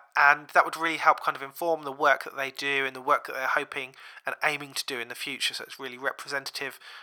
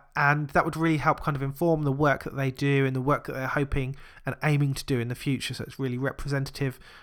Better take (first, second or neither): second